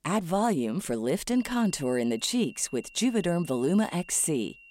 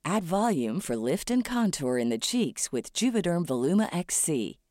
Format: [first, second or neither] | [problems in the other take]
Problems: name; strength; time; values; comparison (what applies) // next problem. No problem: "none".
second | high-pitched whine; faint; from 1.5 s on; 3 kHz, 20 dB below the speech